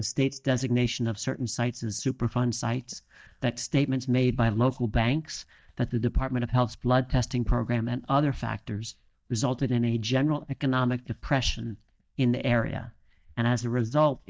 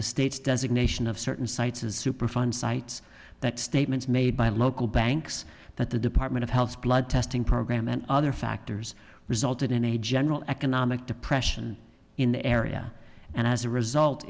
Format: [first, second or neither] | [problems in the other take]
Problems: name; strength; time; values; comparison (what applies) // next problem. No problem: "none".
second | noise reduction (neural mask model DeepFilterNet 3)